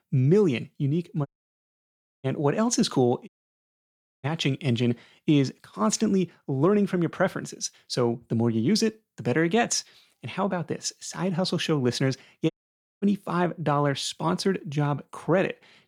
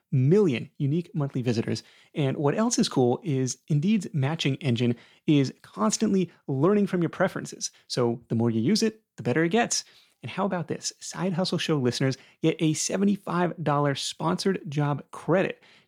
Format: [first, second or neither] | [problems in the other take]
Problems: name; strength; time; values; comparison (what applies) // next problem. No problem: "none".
second | audio cutting out; at 1.5 s for 1 s, at 3.5 s for 1 s and at 13 s for 0.5 s